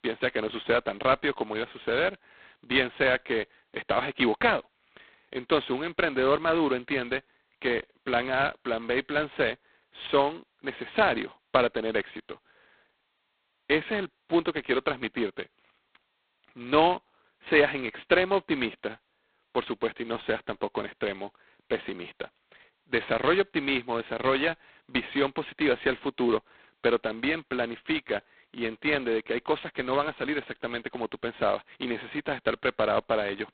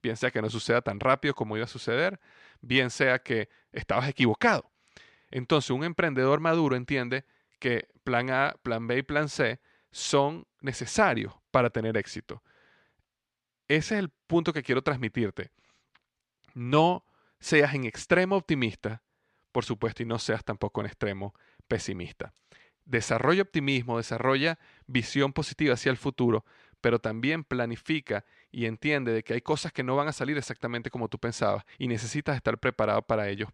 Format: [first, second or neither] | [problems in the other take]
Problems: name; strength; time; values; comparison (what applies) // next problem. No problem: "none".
second | phone-call audio; poor line; nothing above 4 kHz